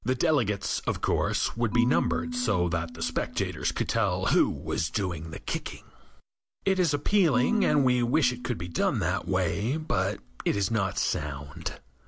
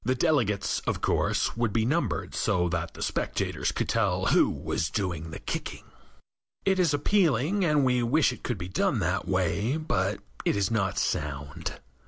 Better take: second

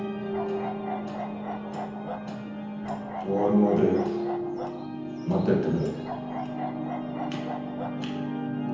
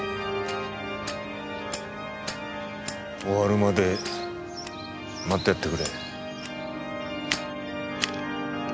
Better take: second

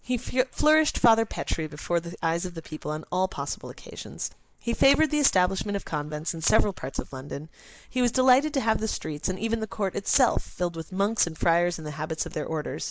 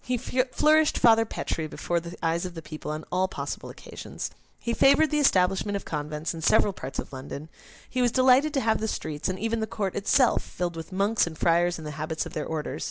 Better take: second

